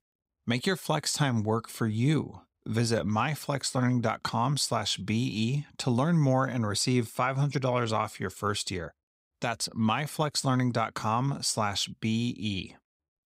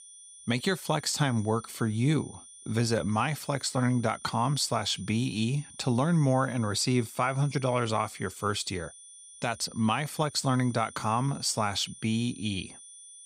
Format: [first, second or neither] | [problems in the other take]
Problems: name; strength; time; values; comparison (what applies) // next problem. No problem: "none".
first | high-pitched whine; noticeable; throughout; 9 kHz, 20 dB below the speech